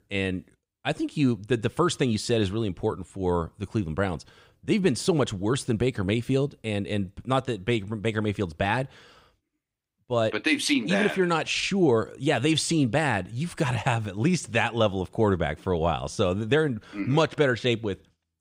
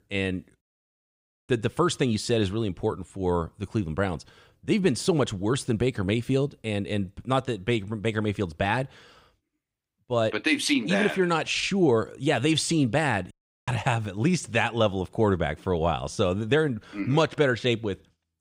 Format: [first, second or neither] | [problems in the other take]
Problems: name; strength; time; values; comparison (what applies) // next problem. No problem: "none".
first | audio cutting out; at 0.5 s for 1 s and at 13 s